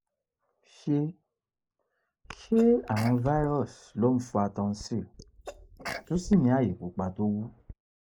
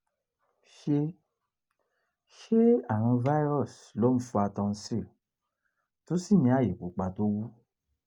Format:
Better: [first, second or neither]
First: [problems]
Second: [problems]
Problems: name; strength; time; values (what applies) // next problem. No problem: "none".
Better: second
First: noise reduction (neural mask model Resemble Enhance denoiser)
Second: none